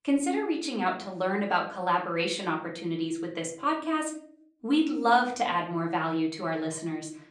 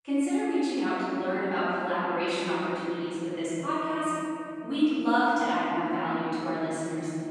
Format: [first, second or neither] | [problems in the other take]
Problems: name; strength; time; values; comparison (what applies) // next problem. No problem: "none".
first | room echo; strong; dies away in 3 s; slight in the first // off-mic speech; far; somewhat distant in the first